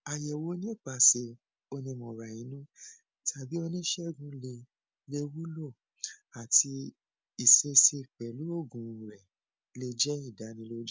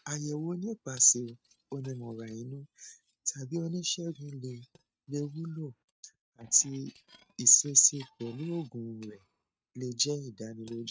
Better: first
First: none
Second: noise reduction (neural mask model RNNoise)

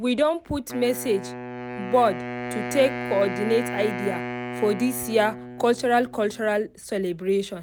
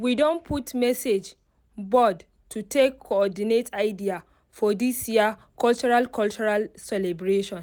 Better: second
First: background sound (Wind instrument, woodwind instrument); 9 dB below the speech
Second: none

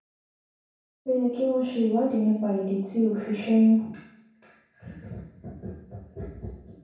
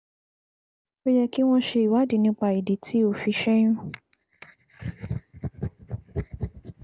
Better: second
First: room echo; dies away in 0.7 s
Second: none

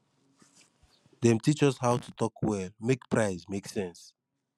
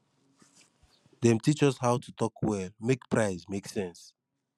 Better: second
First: background sound (Fart); 17 dB below the speech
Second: none

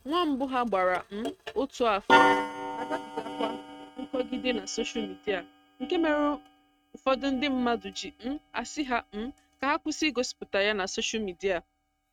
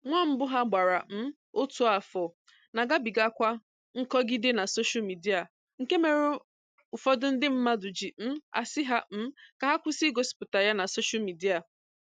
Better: second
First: noise reduction (neural mask model RNNoise)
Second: none

